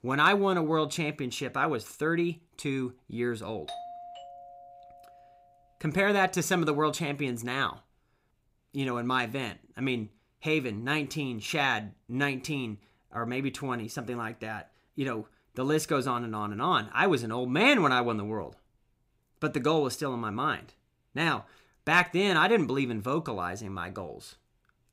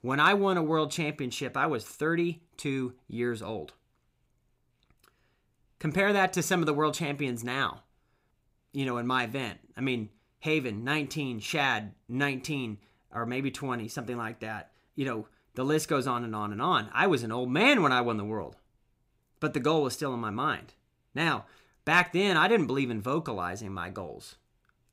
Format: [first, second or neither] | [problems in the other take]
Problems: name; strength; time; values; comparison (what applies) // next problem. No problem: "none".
second | doorbell; faint; from 3.5 to 5 s; peak 10 dB below the speech